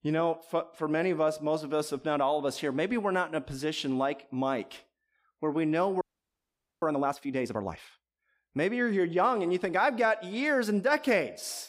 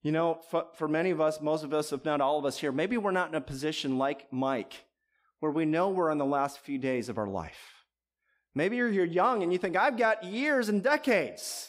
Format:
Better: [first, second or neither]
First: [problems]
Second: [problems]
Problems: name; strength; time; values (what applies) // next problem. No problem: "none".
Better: second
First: audio freezing; at 6 s for 1 s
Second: none